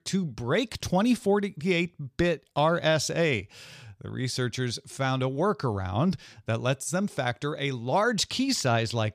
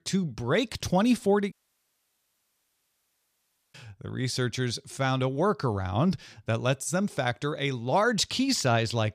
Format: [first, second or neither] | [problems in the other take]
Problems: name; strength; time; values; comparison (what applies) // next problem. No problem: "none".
first | audio cutting out; at 1.5 s for 2 s